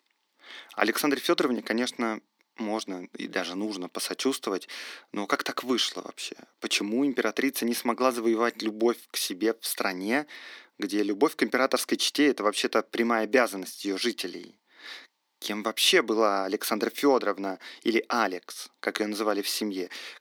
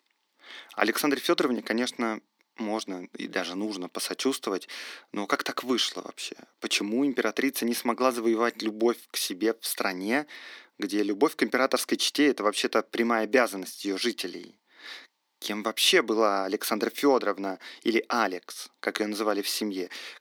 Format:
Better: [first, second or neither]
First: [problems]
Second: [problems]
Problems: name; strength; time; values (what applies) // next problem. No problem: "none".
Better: neither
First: thin; somewhat; fading below 250 Hz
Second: thin; somewhat; fading below 250 Hz